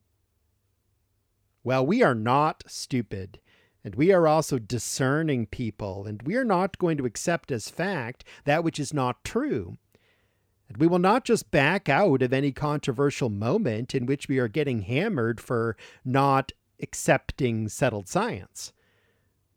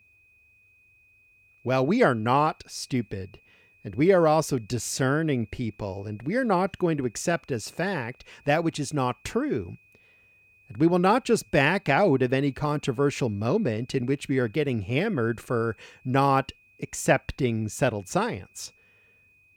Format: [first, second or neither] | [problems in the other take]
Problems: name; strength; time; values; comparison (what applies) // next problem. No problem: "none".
first | high-pitched whine; faint; throughout; 2.5 kHz, 30 dB below the speech